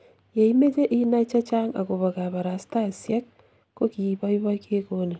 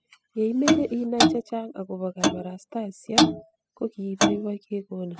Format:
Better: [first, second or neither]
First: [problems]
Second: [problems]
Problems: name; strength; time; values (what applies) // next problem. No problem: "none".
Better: first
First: none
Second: noise reduction (classical method spectral subtraction)